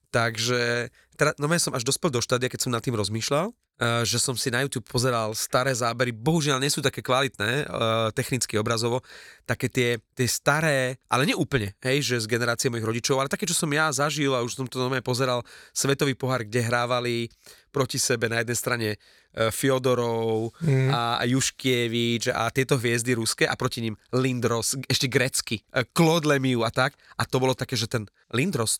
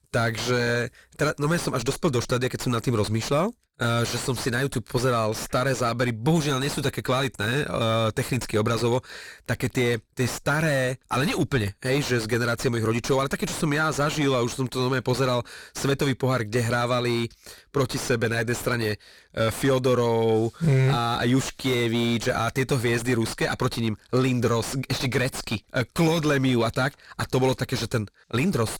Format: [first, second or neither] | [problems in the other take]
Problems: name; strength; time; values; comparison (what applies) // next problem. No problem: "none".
first | distortion; heavy; 6 dB below the speech